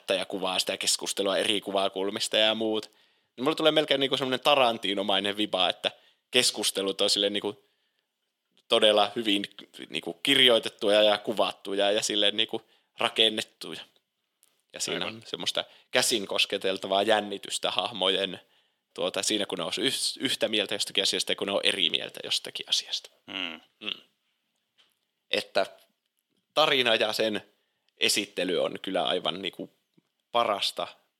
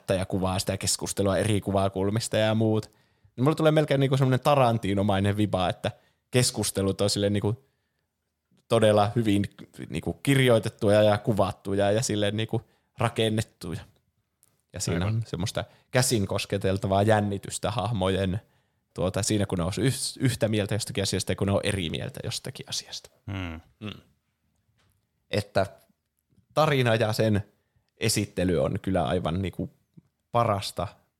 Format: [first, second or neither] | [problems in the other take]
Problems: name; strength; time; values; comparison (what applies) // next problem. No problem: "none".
second | thin; somewhat; fading below 300 Hz